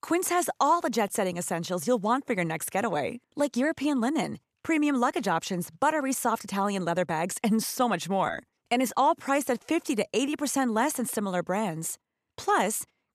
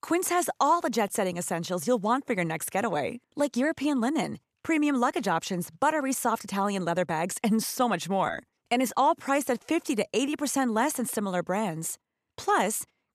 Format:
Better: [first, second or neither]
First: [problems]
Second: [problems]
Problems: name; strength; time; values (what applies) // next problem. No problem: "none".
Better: neither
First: none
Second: none